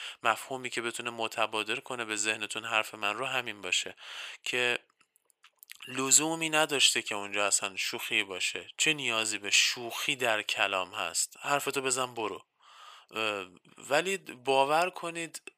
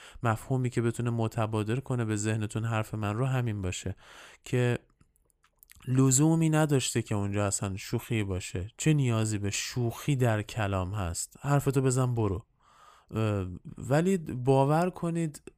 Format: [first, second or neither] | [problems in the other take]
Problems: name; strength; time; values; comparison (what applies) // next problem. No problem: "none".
second | thin; very; fading below 600 Hz